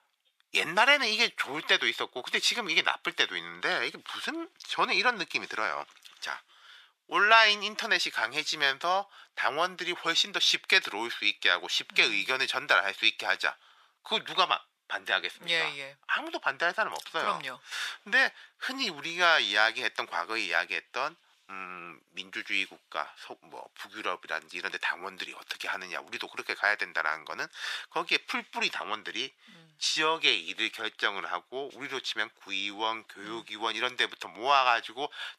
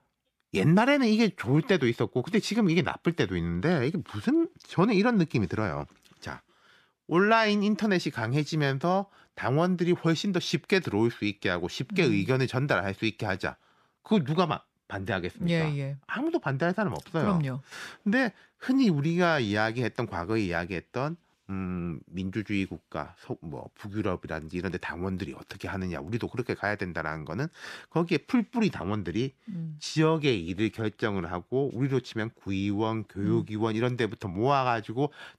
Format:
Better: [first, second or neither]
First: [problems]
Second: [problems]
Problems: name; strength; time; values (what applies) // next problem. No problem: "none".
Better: second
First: thin; very; fading below 950 Hz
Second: none